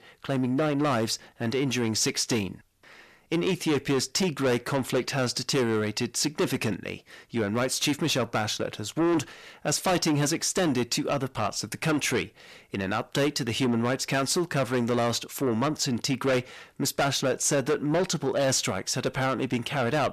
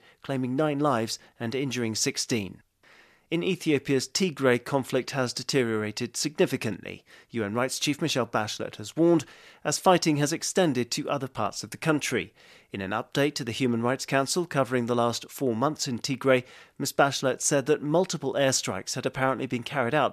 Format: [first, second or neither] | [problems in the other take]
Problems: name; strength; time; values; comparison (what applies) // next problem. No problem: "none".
second | distortion; heavy; 7 dB below the speech